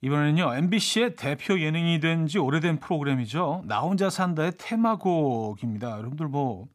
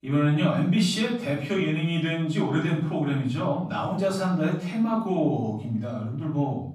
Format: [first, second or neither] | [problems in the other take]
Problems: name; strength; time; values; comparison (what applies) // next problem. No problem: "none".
first | off-mic speech; far // room echo; noticeable; dies away in 0.6 s